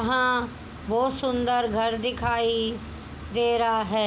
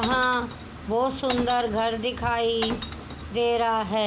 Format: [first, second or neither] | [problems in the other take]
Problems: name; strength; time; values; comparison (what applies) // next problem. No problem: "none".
first | background sound (Glass); 11 dB below the speech